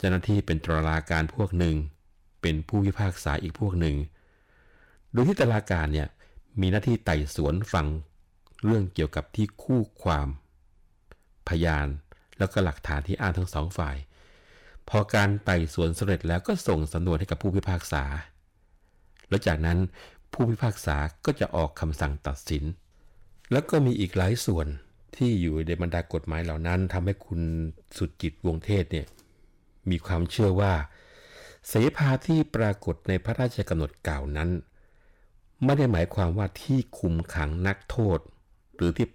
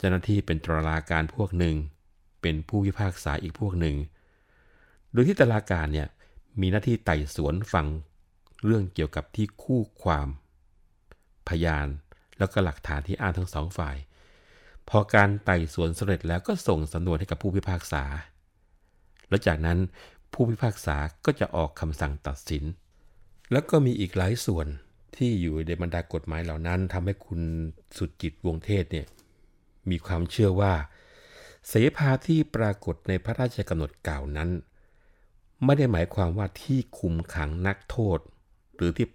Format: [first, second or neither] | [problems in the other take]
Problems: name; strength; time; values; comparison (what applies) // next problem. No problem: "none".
second | distortion; slight; 3% of the sound clipped